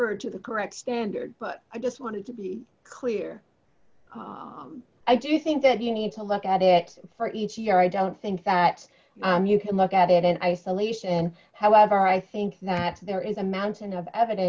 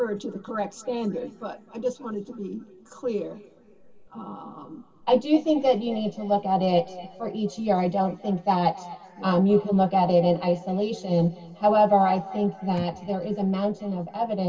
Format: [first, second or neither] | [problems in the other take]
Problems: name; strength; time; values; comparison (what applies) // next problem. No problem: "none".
first | room echo; dies away in 2.4 s